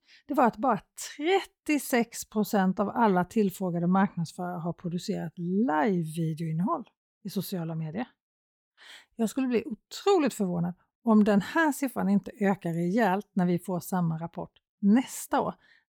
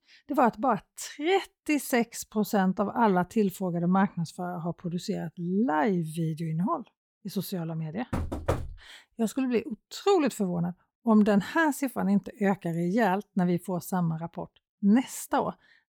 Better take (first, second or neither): first